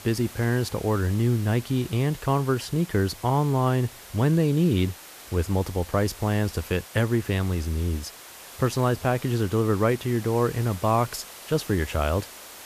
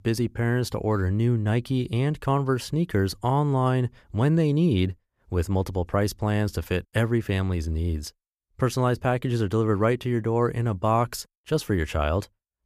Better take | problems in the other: second | hiss; noticeable; throughout; 15 dB below the speech

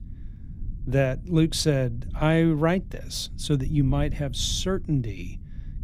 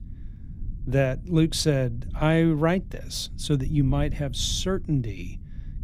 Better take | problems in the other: neither | low rumble; faint; throughout; 25 dB below the speech; the same in both

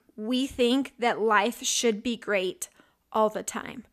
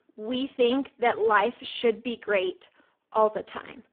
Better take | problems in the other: first | phone-call audio; poor line

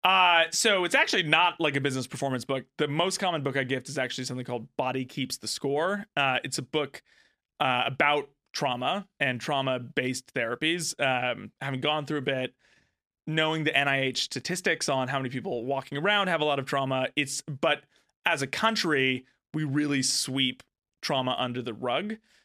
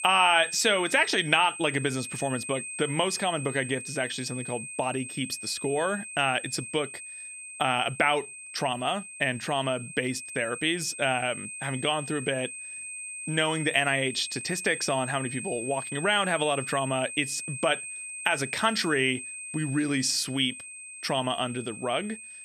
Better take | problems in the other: first | high-pitched whine; loud; throughout; 8.5 kHz, 9 dB below the speech

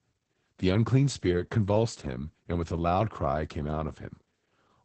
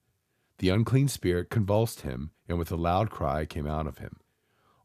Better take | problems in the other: second | garbled, watery; badly; nothing above 8 kHz

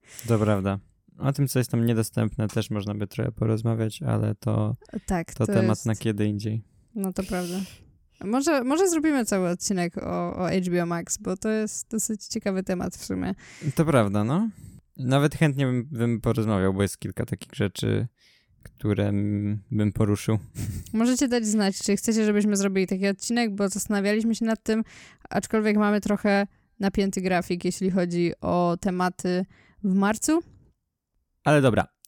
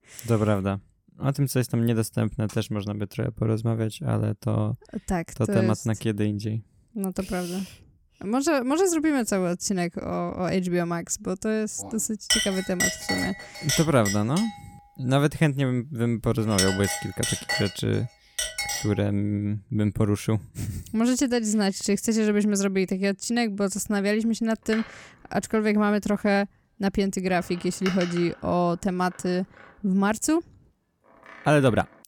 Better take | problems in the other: first | clattering dishes; loud; from 12 to 19 s; peak 3 dB above the speech // door banging; noticeable; from 25 to 31 s; peak 7 dB below the speech

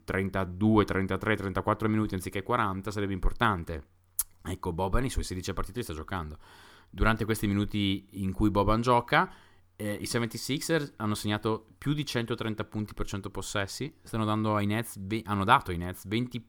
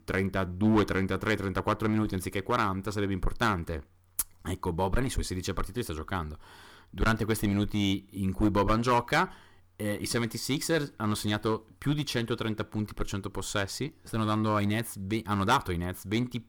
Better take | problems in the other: first | distortion; slight; 4% of the sound clipped

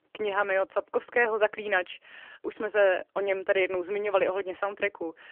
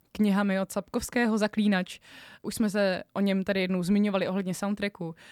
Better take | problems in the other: second | phone-call audio; nothing above 3 kHz

